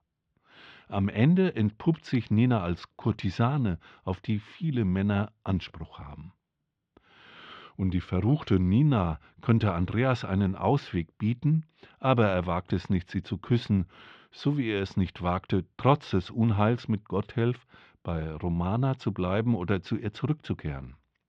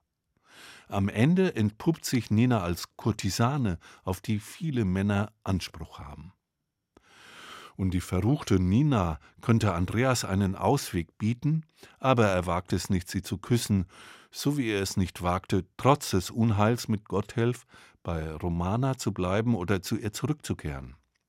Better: second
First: muffled; slightly; fading above 3.5 kHz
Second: none

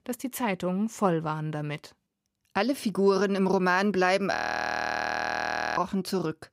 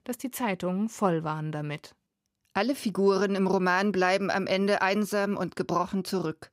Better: second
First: audio freezing; at 4.5 s for 1.5 s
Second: none

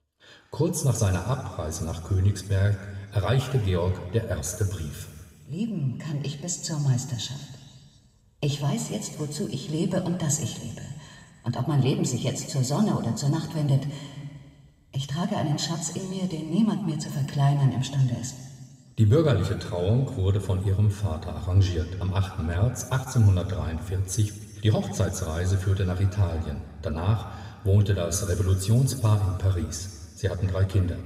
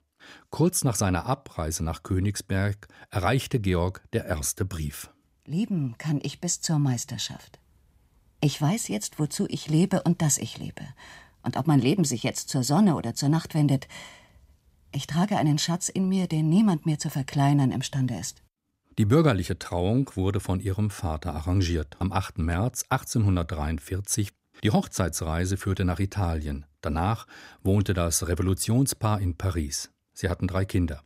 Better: second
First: room echo; noticeable; dies away in 1.7 s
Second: none

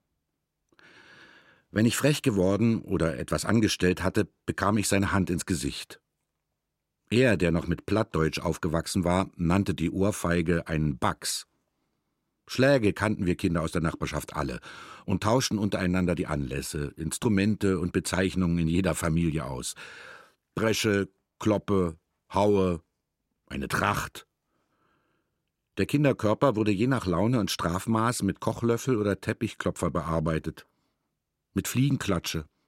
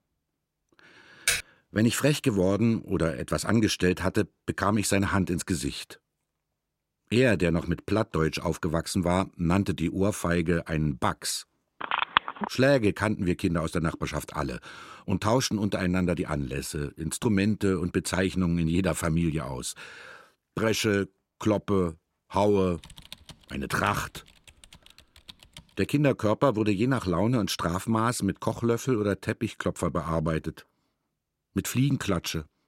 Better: first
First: none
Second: keyboard typing; loud; at 1.5 s; peak 1 dB above the speech // phone ringing; loud; at 12 s; peak 2 dB above the speech // keyboard typing; faint; from 23 to 26 s; peak 20 dB below the speech

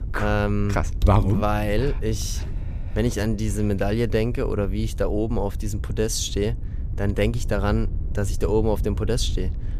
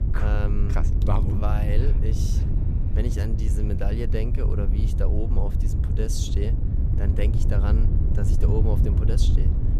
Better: first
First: wind noise on the microphone; occasional gusts; 20 dB below the speech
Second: wind noise on the microphone; heavy; 4 dB below the speech

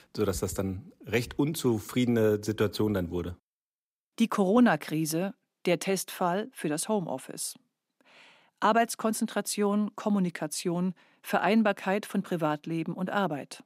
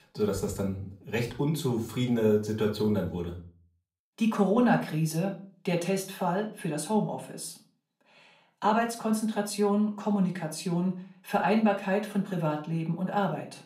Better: first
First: none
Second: off-mic speech; somewhat distant // room echo; slight; dies away in 0.3 s

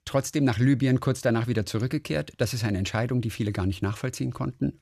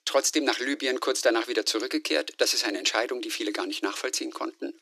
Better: first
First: none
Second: thin; very; fading below 300 Hz

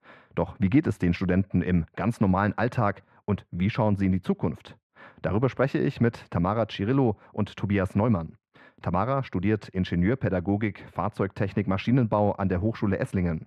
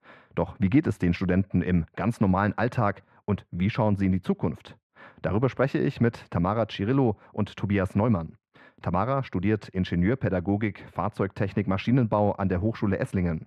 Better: neither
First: muffled; very; fading above 3.5 kHz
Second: muffled; very; fading above 3.5 kHz

